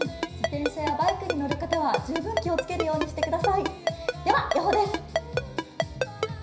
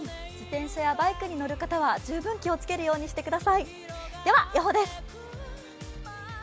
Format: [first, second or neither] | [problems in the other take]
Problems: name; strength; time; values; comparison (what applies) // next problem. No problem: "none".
second | background sound (Ringtone); 3 dB below the speech // room echo; dies away in 0.5 s